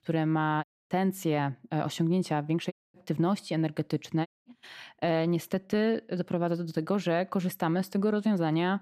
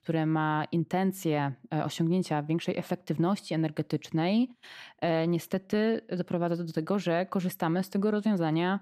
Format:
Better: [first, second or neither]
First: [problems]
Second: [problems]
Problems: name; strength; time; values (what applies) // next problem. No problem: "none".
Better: second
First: audio cutting out; at 0.5 s, at 2.5 s and at 4.5 s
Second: none